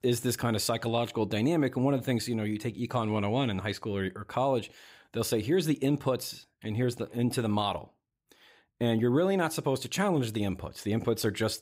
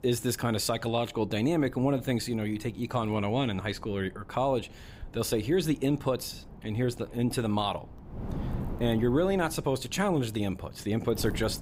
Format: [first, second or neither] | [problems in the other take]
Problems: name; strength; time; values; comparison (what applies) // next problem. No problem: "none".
first | wind noise on the microphone; occasional gusts; 20 dB below the speech